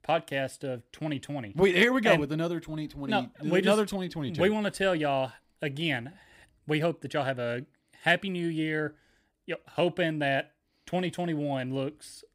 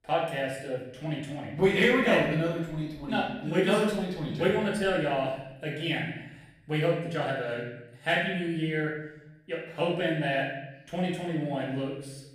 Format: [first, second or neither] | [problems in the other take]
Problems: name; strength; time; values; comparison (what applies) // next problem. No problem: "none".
first | room echo; noticeable; dies away in 0.8 s // off-mic speech; far